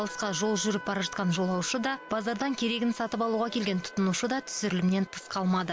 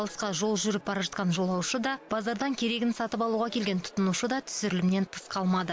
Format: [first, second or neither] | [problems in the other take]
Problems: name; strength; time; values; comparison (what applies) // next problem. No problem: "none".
second | background sound (Wind instrument, woodwind instrument); 17 dB below the speech